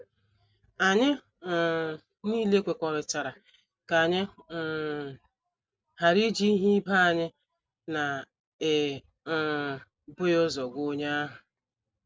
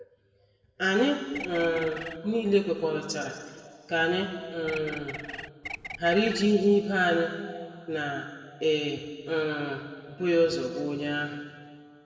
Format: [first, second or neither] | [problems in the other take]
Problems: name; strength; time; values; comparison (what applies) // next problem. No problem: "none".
first | background sound (Bird); 11 dB below the speech // room echo; dies away in 2 s